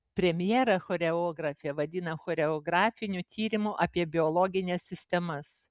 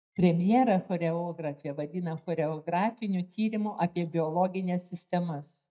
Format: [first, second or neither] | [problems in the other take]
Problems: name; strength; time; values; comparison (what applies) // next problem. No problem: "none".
first | noise reduction (neural mask model DeepFilterNet 3)